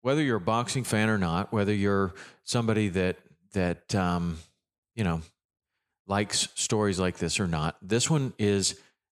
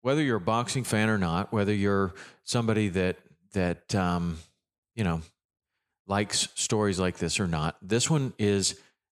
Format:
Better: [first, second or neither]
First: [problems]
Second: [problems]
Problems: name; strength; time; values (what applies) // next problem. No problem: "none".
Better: neither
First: none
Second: none